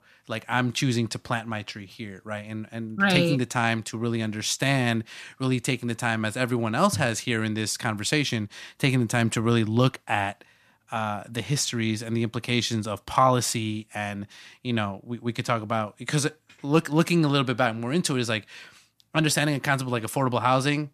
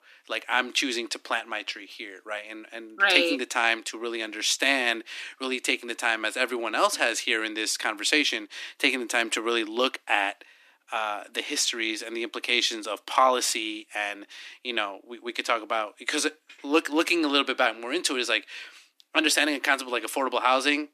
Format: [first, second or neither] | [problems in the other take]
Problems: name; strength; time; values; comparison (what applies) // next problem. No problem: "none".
first | thin; somewhat; fading below 300 Hz